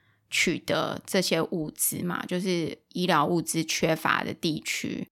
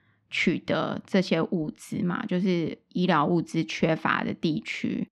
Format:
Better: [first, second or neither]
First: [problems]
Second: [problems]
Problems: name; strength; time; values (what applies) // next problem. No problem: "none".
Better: first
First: none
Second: muffled; slightly; fading above 3 kHz